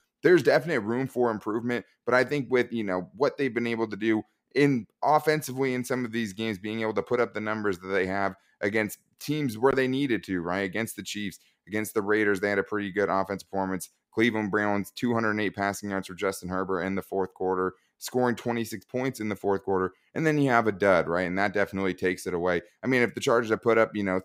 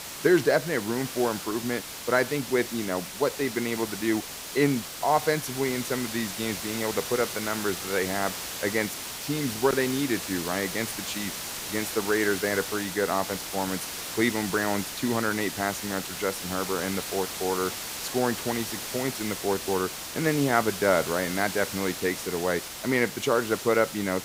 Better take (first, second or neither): first